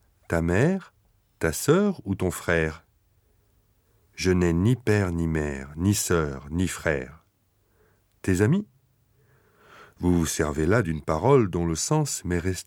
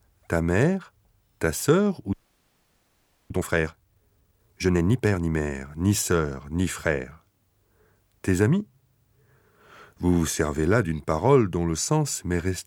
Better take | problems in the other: first | audio freezing; at 2 s for 1 s

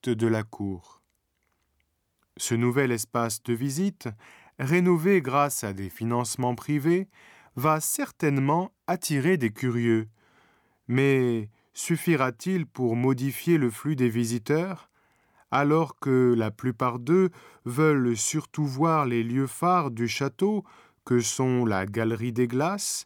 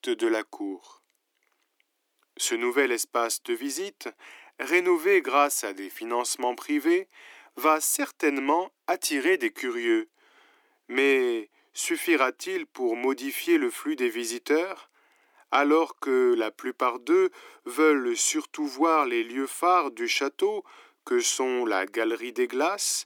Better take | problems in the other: first | thin; somewhat; fading below 300 Hz

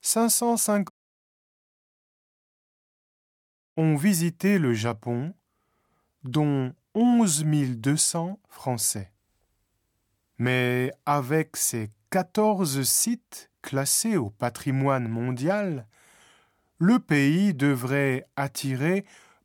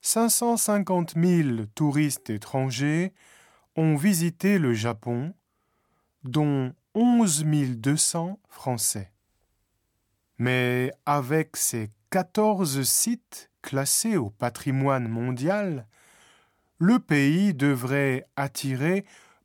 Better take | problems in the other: second | audio cutting out; at 1 s for 3 s

